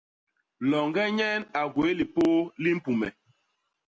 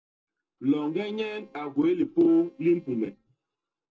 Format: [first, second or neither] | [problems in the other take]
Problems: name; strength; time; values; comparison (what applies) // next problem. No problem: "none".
first | noise reduction (neural separator model SepFormer DNS4)